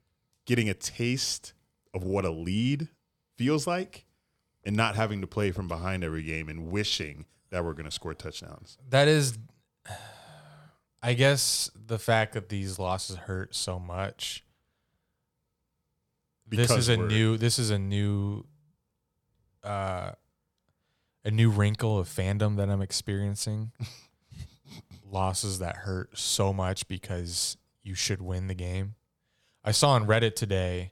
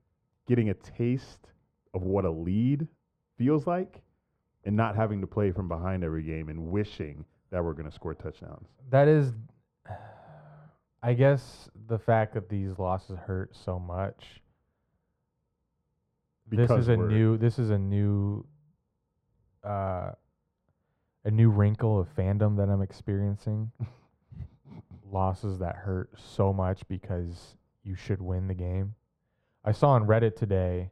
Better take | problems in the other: first | muffled; very; fading above 2.5 kHz

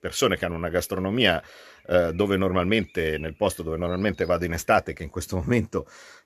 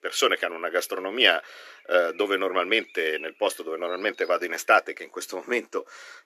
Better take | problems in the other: first | thin; very; fading below 300 Hz

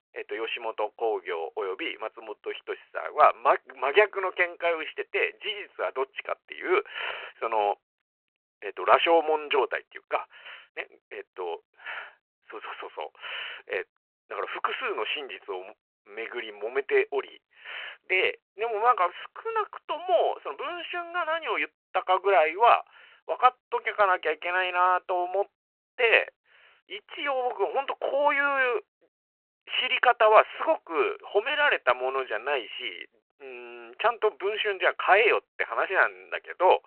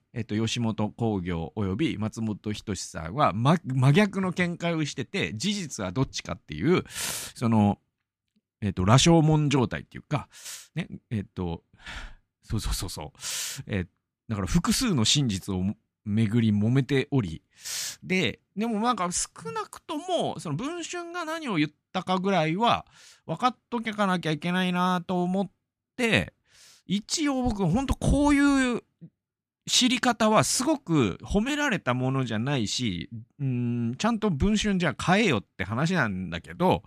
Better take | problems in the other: second | phone-call audio

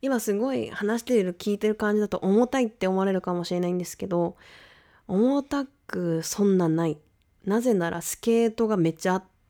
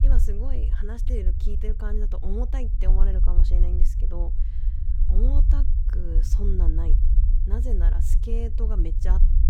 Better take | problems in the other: first | low rumble; loud; throughout; 5 dB below the speech

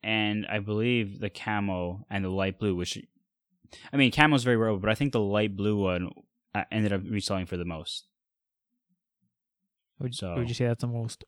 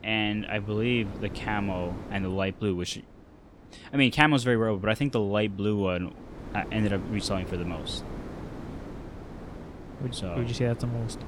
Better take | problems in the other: first | wind noise on the microphone; occasional gusts; 15 dB below the speech

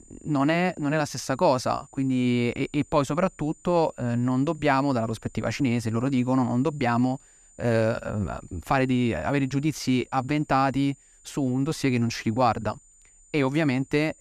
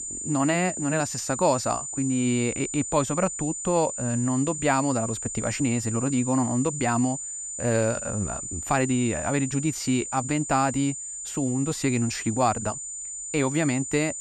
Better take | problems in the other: first | high-pitched whine; loud; throughout; 7 kHz, 6 dB below the speech; faint in the first

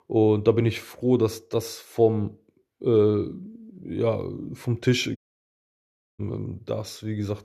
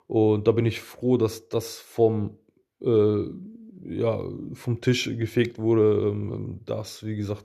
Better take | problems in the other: second | audio cutting out; at 5 s for 1 s

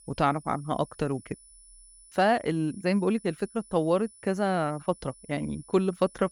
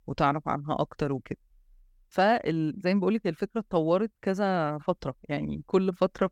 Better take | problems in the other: second | high-pitched whine; faint; throughout; 10 kHz, 25 dB below the speech

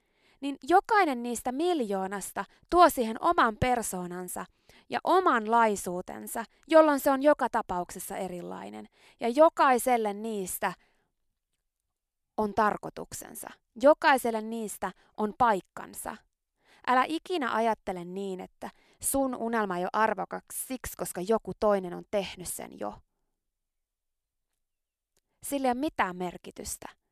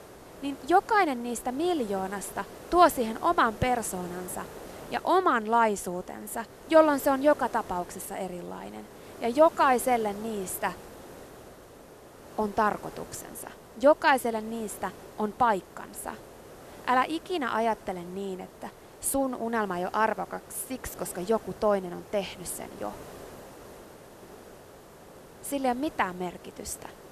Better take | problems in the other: first | hiss; noticeable; throughout; 20 dB below the speech

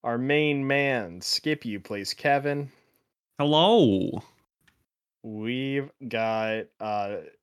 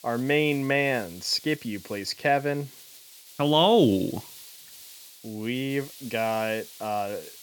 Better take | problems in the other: first | hiss; noticeable; throughout; 20 dB below the speech

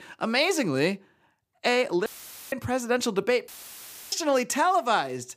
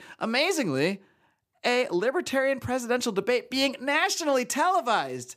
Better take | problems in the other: second | audio cutting out; filled with static; at 2 s and at 3.5 s for 0.5 s

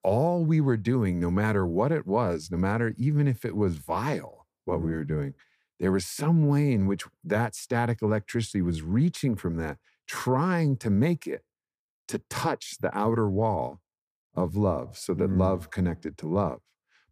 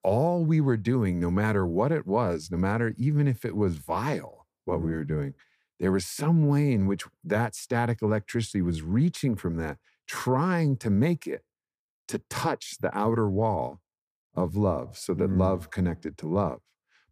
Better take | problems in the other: neither | none

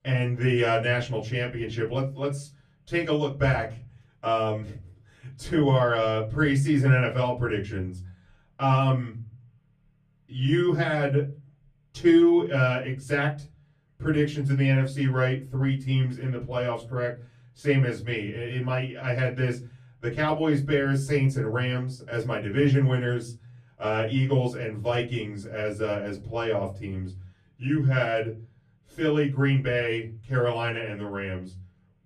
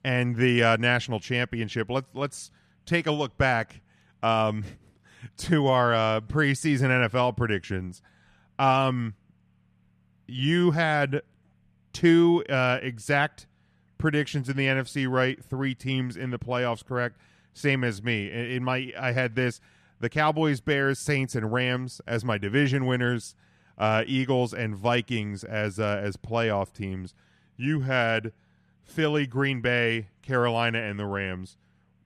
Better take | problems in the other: second | off-mic speech; far // room echo; very slight; dies away in 0.5 s

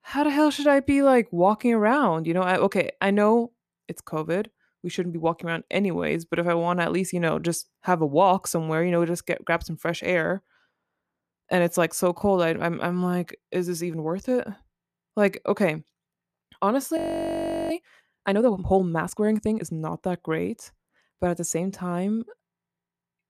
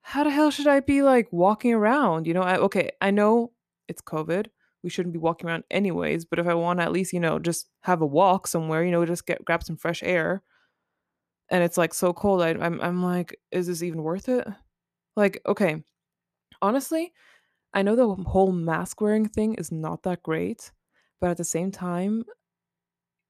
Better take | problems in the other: second | audio freezing; at 17 s for 0.5 s

